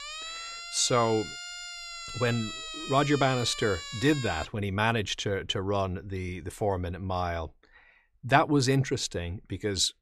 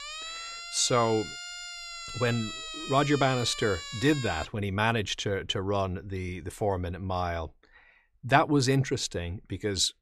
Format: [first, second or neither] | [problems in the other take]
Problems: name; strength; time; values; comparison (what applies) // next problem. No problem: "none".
neither | siren; noticeable; until 4.5 s; peak 8 dB below the speech; the same in both